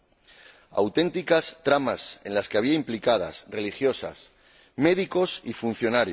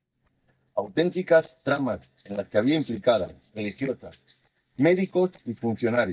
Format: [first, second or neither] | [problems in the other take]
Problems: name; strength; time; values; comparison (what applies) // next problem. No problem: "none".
first | noise reduction (neural mask model DeepFilterNet 3)